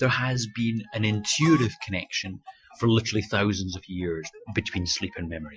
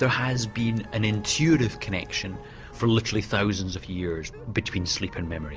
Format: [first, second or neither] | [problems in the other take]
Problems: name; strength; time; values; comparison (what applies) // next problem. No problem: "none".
second | noise reduction (classical method Wiener filter)